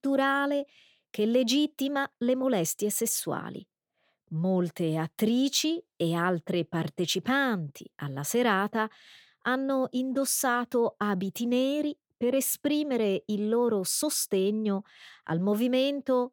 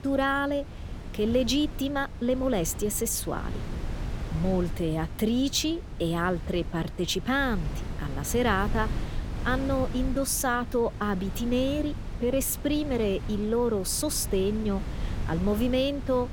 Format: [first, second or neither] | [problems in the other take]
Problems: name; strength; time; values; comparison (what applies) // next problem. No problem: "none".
first | wind noise on the microphone; occasional gusts; 15 dB below the speech